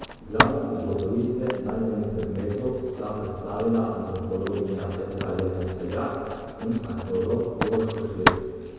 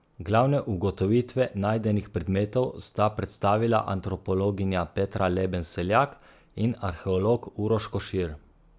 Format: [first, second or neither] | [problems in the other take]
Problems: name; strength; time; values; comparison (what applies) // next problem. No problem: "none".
second | background sound (Writing); 5 dB below the speech // room echo; dies away in 2.2 s